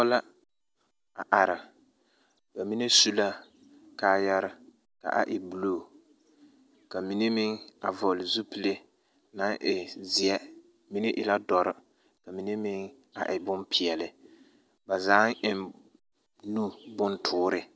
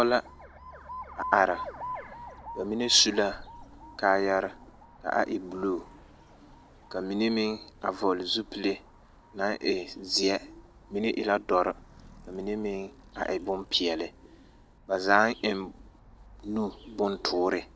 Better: first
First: none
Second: background sound (Alarm); 17 dB below the speech

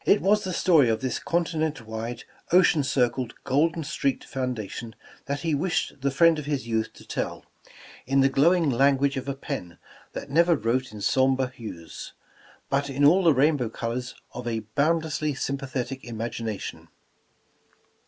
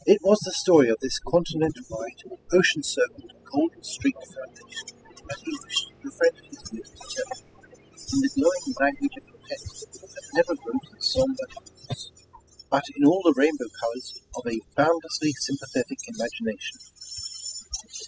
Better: first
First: none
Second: noise reduction (classical method spectral subtraction)

